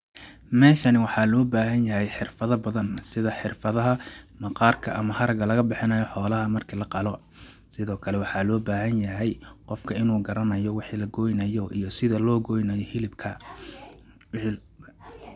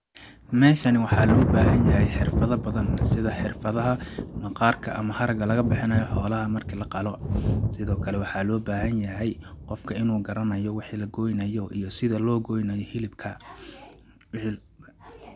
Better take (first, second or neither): first